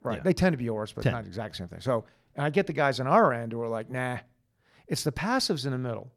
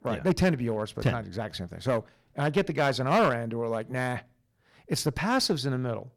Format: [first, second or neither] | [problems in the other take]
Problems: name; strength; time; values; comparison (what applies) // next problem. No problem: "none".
first | distortion; slight; 4% of the sound clipped